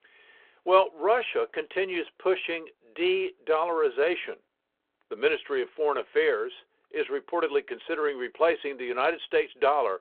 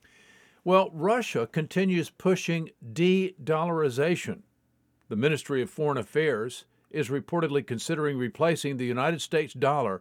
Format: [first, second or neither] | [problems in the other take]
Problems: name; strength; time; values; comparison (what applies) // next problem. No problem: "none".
second | phone-call audio